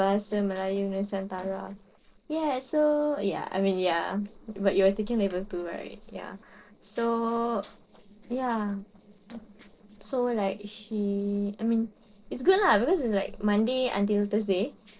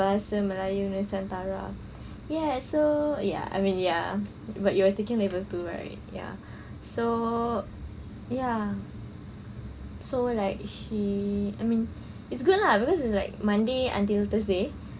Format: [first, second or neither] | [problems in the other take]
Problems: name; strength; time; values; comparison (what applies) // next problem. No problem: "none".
second | noise reduction (neural separator model SepFormer DNS4)